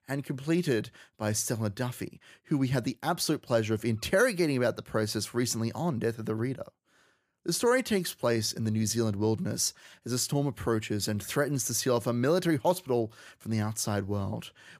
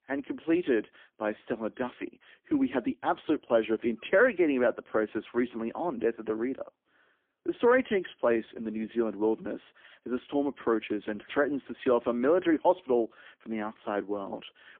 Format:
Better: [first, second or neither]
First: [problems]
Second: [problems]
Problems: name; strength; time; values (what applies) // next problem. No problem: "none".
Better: first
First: none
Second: phone-call audio; poor line; nothing above 3.5 kHz